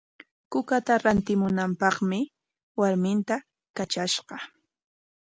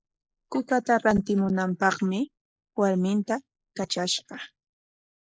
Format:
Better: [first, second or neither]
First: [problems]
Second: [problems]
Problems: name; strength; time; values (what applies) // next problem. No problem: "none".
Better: first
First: none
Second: noise reduction (neural mask model Resemble Enhance denoiser)